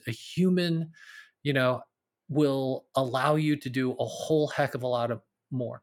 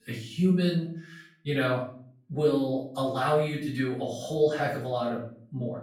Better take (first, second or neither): first